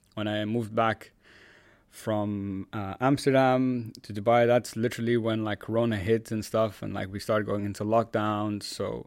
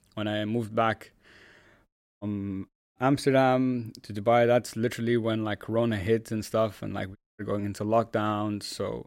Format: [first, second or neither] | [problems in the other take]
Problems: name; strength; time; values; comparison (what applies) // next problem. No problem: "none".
first | audio cutting out; at 2 s, at 2.5 s and at 7 s